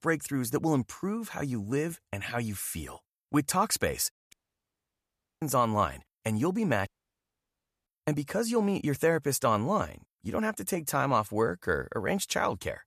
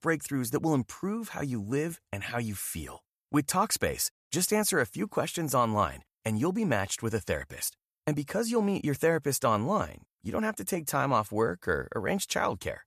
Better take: second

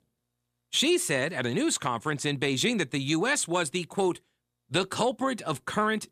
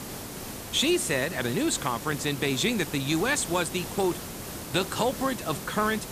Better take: first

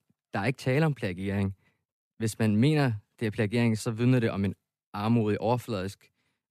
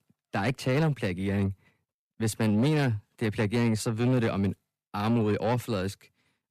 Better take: first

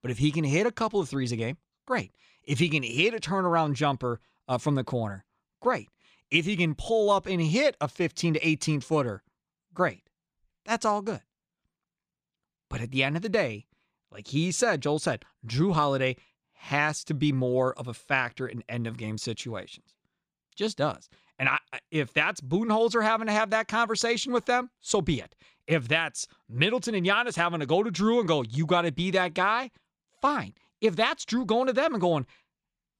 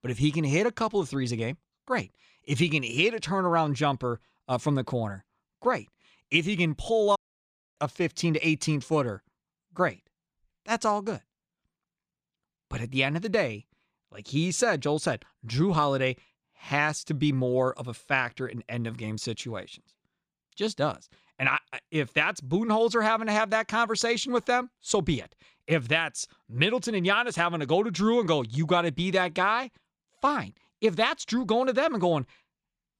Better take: first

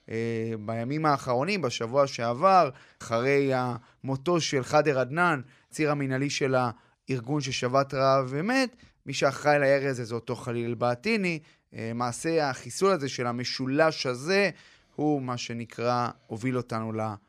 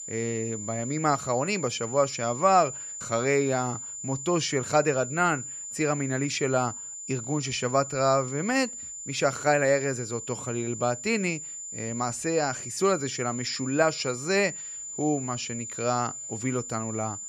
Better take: first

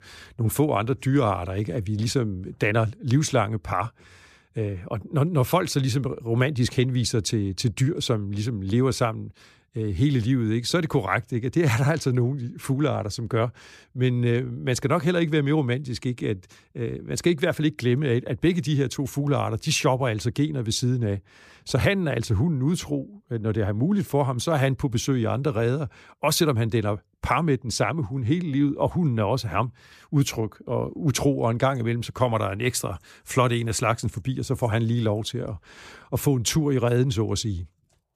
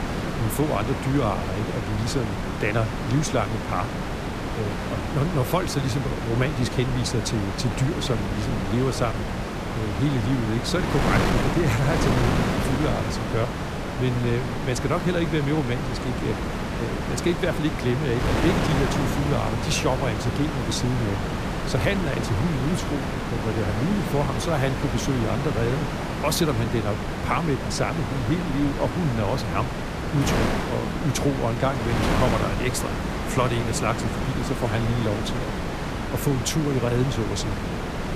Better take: first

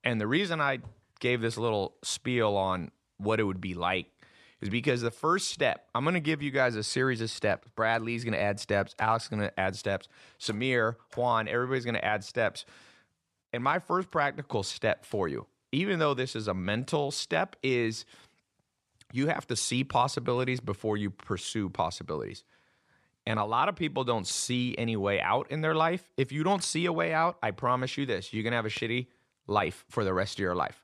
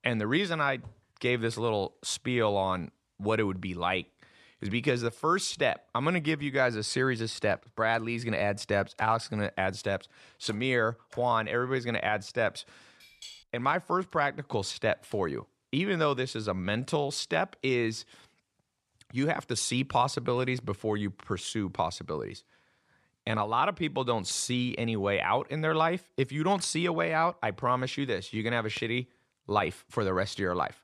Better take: first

